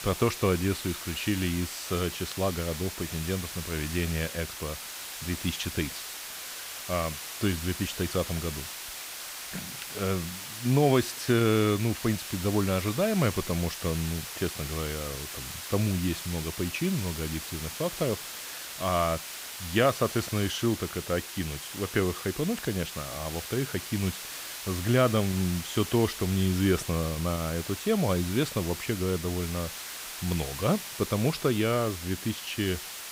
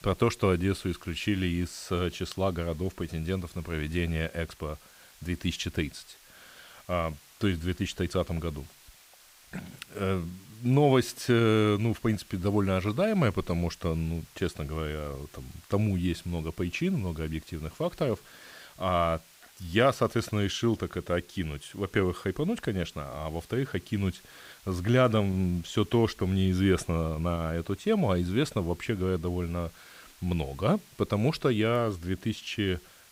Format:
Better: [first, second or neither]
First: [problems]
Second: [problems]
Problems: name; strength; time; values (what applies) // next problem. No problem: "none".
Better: second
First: hiss; loud; throughout; 7 dB below the speech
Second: hiss; faint; throughout; 25 dB below the speech